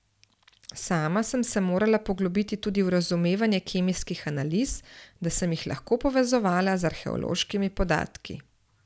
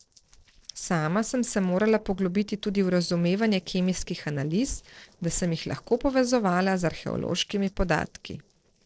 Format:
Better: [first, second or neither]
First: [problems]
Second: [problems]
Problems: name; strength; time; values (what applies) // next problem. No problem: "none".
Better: first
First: none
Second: noise reduction (neural separator model SepFormer DNS4)